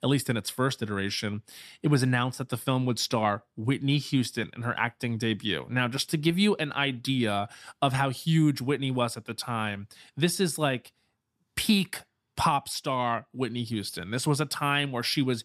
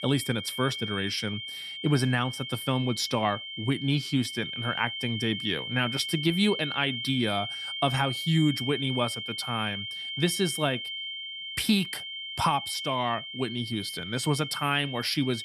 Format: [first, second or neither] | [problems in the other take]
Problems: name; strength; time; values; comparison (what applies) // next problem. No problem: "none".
first | high-pitched whine; loud; throughout; 3 kHz, 5 dB below the speech